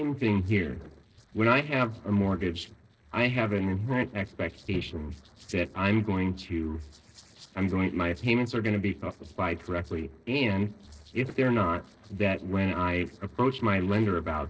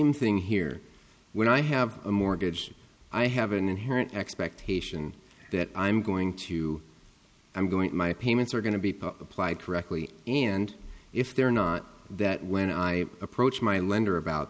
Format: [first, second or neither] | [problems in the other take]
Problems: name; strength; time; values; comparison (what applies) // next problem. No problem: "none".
second | noise reduction (neural separator model SepFormer DNS4)